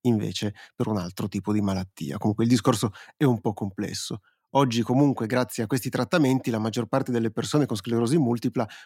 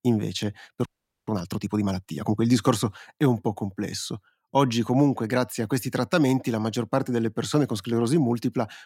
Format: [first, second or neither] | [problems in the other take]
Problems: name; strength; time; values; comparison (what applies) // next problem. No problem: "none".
first | audio freezing; at 1 s